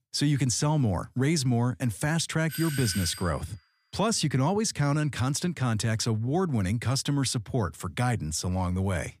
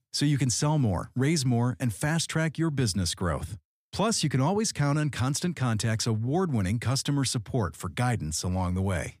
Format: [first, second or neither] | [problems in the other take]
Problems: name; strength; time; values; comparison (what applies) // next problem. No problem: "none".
second | doorbell; noticeable; at 2.5 s; peak 7 dB below the speech